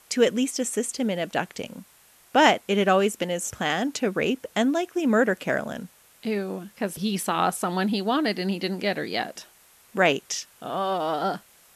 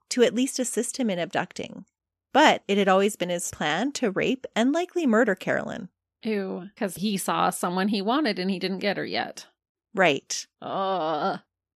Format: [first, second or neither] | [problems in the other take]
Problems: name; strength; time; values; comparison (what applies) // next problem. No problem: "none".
second | hiss; faint; throughout; 30 dB below the speech